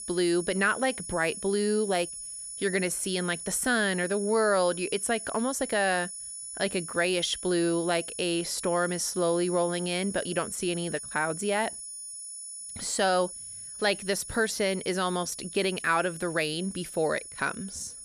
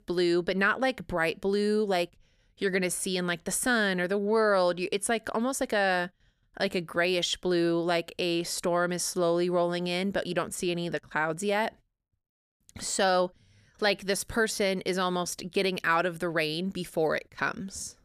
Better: second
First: high-pitched whine; loud; throughout; 10 kHz, 9 dB below the speech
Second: none

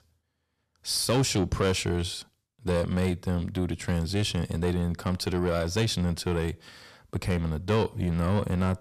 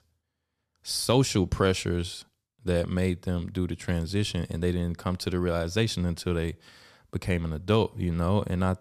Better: second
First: distortion; slight; 10 dB below the speech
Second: none

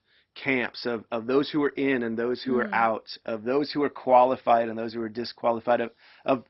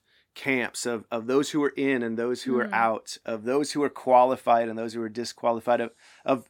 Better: second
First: garbled, watery; badly; nothing above 5.5 kHz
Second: none

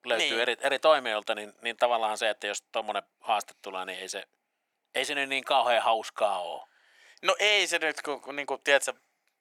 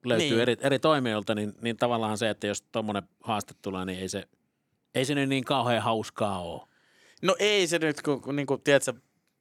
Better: second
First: thin; very; fading below 600 Hz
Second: none

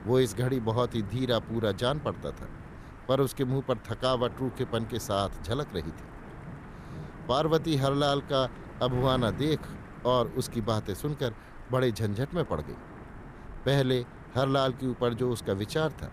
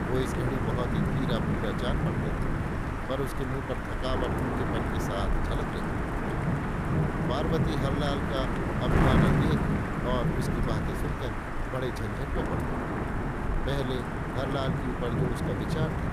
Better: first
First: wind noise on the microphone; occasional gusts; 15 dB below the speech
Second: wind noise on the microphone; heavy; 3 dB above the speech

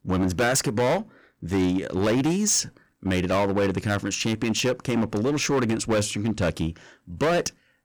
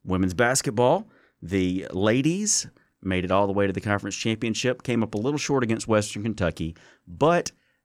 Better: second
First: distortion; heavy; 14% of the sound clipped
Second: none

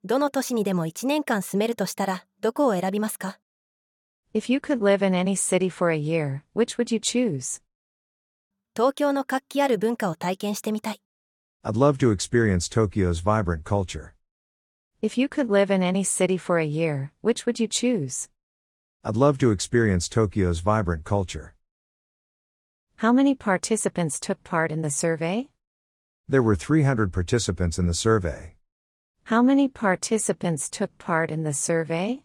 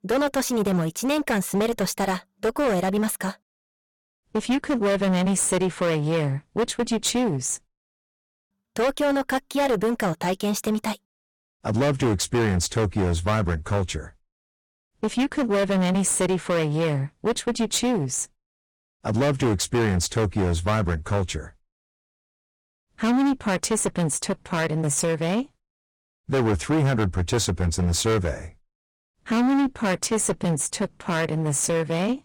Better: first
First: none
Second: distortion; heavy; 16% of the sound clipped

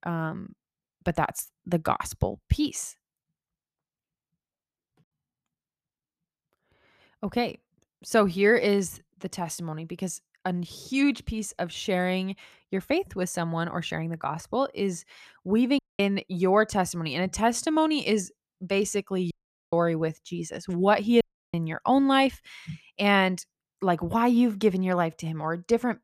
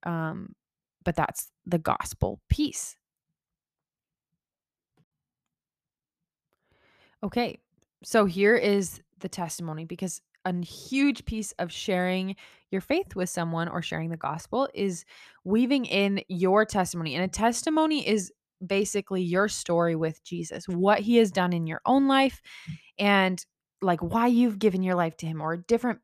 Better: second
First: audio cutting out; at 16 s, at 19 s and at 21 s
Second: none

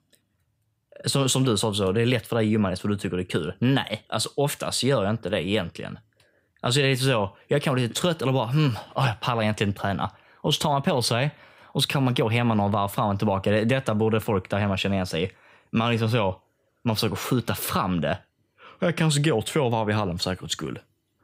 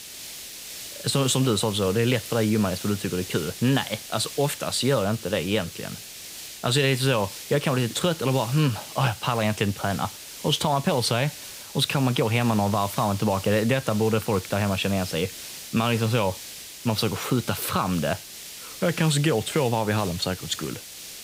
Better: first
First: none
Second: hiss; noticeable; throughout; 10 dB below the speech

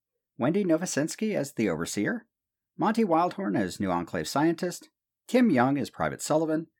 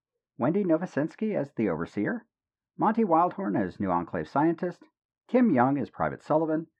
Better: first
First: none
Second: muffled; very; fading above 1.5 kHz

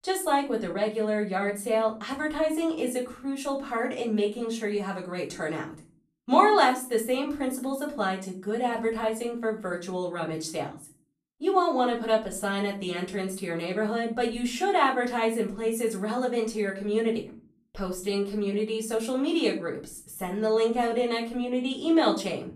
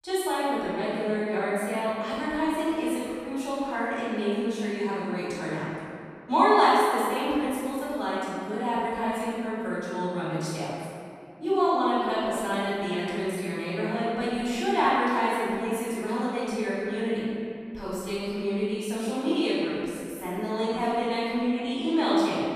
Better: first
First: room echo; slight; dies away in 0.4 s // off-mic speech; far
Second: room echo; strong; dies away in 2.3 s // off-mic speech; far

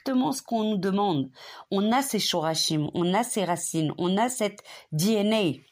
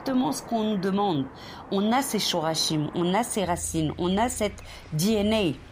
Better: first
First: none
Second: traffic noise; noticeable; throughout; 15 dB below the speech

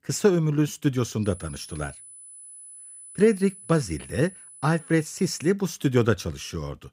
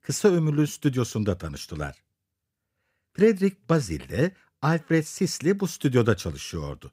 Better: second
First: high-pitched whine; noticeable; from 1 to 5.5 s; 10 kHz, 20 dB below the speech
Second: none

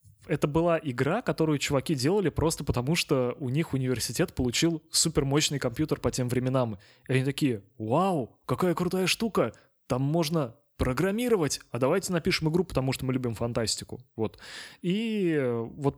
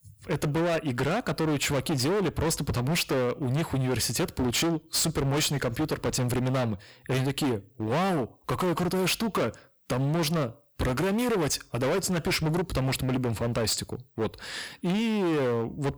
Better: first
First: none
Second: distortion; heavy; 28% of the sound clipped

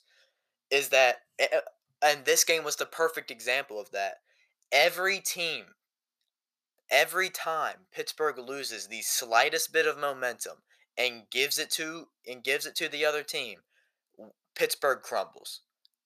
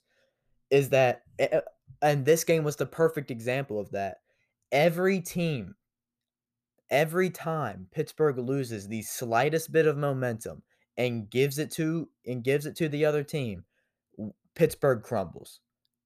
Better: second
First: thin; very; fading below 800 Hz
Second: none

